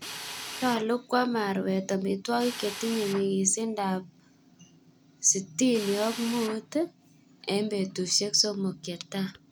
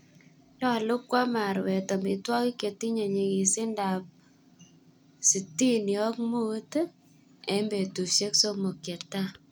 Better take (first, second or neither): second